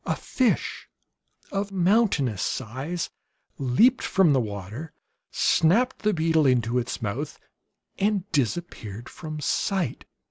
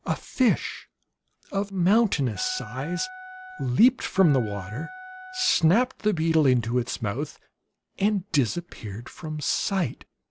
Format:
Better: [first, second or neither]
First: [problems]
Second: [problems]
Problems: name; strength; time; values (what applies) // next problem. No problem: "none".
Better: first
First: none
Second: background sound (Wind instrument, woodwind instrument); 16 dB below the speech